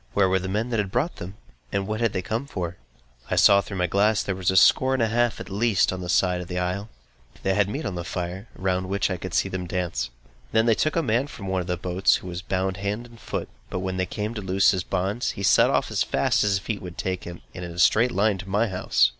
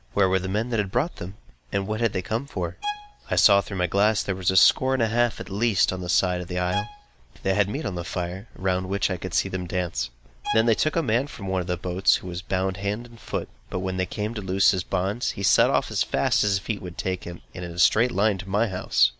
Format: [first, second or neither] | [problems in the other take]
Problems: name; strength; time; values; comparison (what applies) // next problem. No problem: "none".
first | background sound (Bowed string instrument); 13 dB below the speech